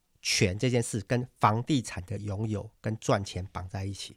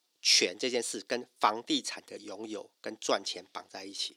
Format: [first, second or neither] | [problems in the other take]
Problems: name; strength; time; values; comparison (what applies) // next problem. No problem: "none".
first | thin; somewhat; fading below 300 Hz